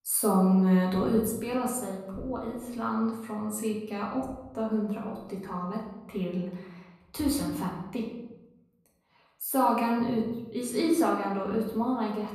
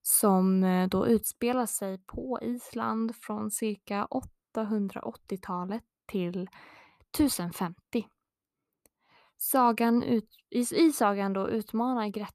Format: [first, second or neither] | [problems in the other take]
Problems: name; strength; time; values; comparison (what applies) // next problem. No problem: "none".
second | room echo; noticeable; dies away in 1 s // off-mic speech; far